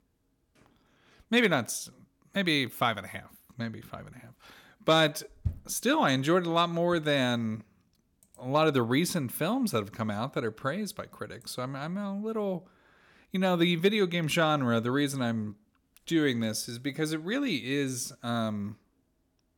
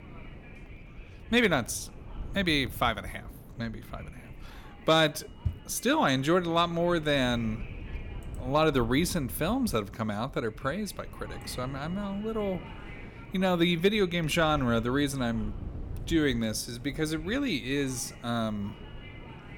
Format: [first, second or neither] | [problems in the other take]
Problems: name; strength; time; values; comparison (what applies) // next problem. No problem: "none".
first | wind noise on the microphone; occasional gusts; 20 dB below the speech